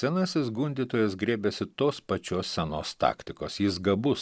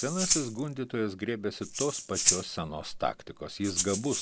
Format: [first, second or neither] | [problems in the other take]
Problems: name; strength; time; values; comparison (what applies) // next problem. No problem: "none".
first | background sound (Rattle (instrument)); as loud as the speech